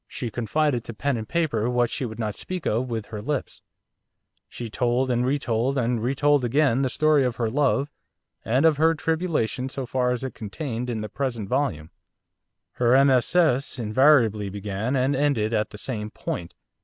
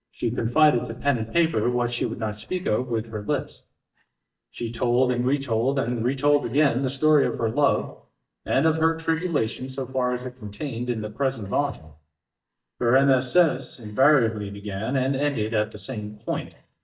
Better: first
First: none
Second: noise reduction (neural mask model DeepFilterNet 3)

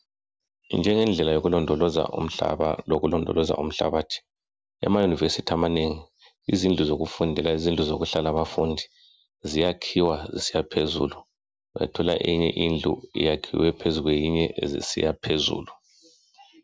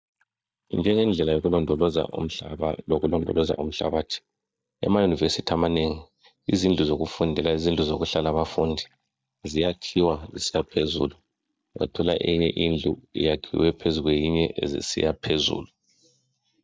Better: first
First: none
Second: noise reduction (neural mask model DeepFilterNet 3)

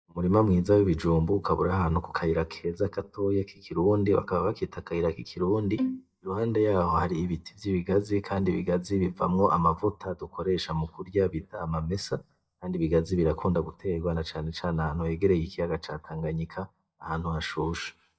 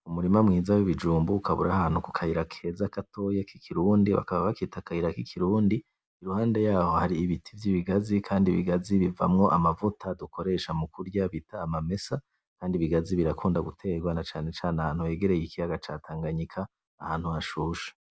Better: second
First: noise reduction (neural mask model DeepFilterNet 3)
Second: none

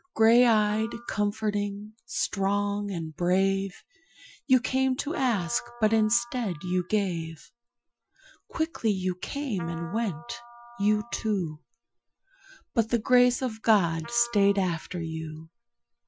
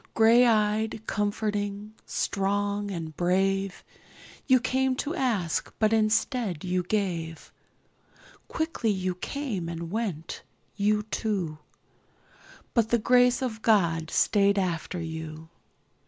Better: second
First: noise reduction (classical method Wiener filter)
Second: none

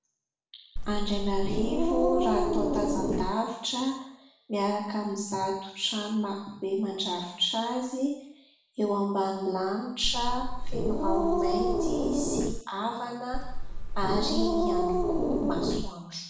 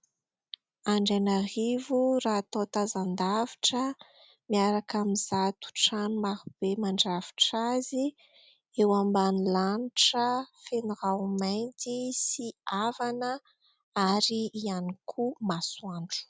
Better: second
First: background sound (Growling); 4 dB above the speech // room echo; dies away in 0.7 s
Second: none

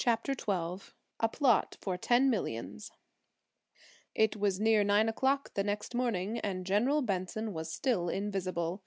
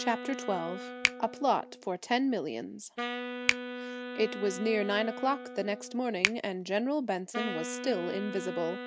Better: first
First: none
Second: background sound (Finger snapping + Wind instrument, woodwind instrument); 5 dB below the speech

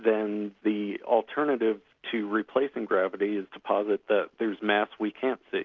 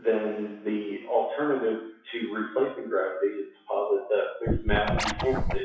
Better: first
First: none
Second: noise reduction (classical method WPE with log-MMSE)

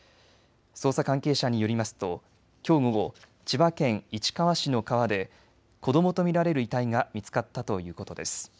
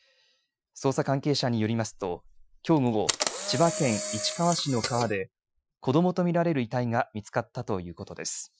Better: first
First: none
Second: noise reduction (classical method Wiener filter)

